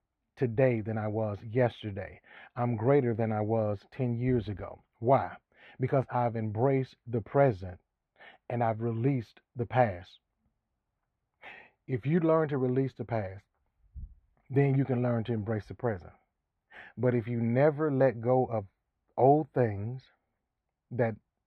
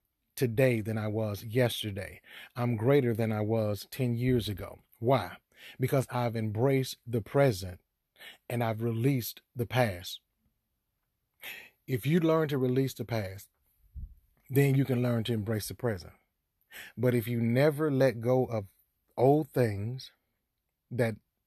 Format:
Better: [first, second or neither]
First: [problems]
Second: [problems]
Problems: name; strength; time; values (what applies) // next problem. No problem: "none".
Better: second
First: muffled; very; fading above 1.5 kHz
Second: none